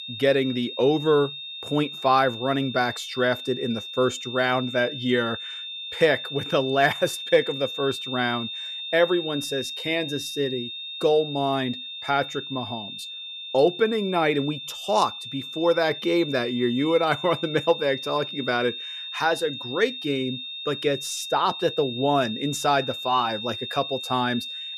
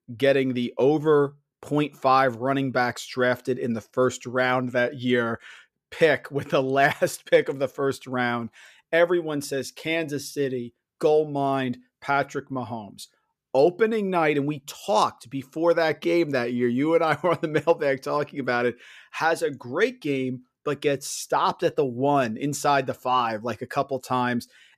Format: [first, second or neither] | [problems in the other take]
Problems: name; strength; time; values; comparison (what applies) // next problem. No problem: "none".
second | high-pitched whine; loud; throughout; 3.5 kHz, 8 dB below the speech